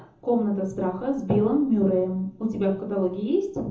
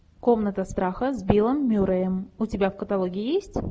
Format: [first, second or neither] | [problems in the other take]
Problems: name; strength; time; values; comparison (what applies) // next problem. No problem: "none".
second | room echo; dies away in 0.6 s